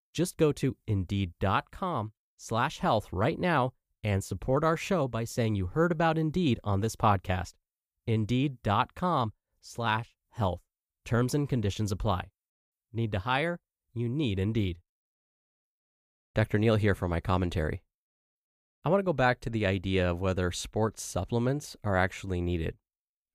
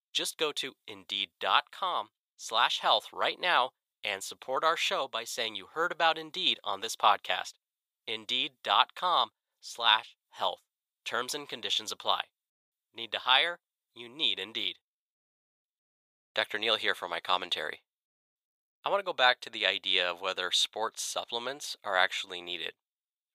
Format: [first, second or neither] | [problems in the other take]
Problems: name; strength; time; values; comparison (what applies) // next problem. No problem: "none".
first | thin; very; fading below 850 Hz